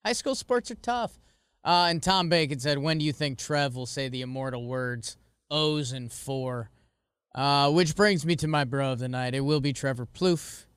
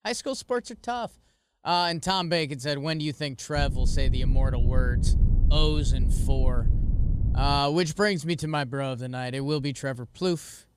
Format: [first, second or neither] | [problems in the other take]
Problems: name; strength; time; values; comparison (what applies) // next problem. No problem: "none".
first | low rumble; noticeable; from 3.5 to 7.5 s; 15 dB below the speech